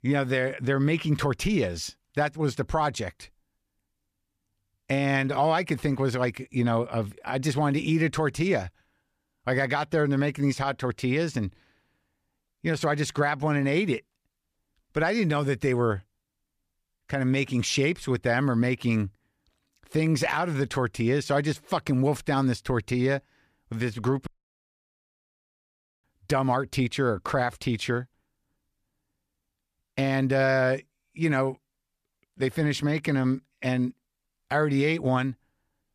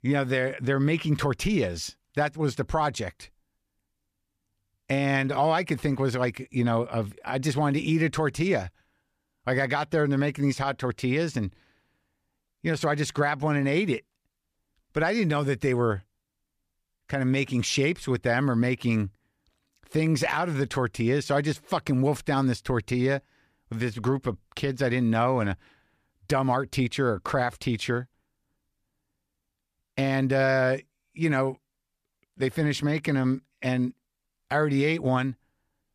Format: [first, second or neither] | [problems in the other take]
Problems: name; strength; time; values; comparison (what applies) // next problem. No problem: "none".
second | audio cutting out; at 24 s for 2 s